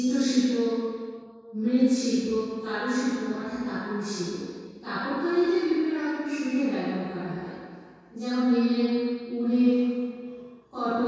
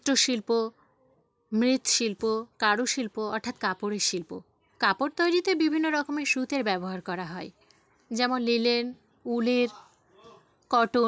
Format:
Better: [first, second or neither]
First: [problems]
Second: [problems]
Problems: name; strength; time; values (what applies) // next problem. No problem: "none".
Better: second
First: room echo; dies away in 2 s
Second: none